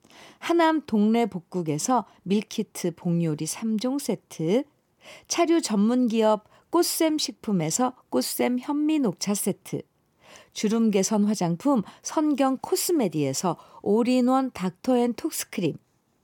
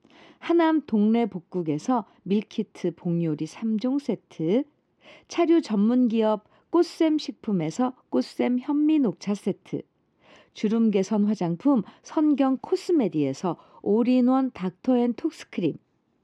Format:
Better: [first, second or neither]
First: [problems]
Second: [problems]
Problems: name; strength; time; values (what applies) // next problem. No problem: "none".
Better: first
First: none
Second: muffled; slightly; fading above 3.5 kHz